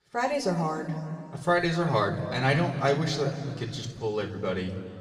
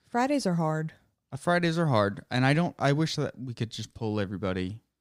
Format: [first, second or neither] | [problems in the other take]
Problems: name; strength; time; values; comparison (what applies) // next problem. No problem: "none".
second | room echo; slight; dies away in 2.4 s // off-mic speech; somewhat distant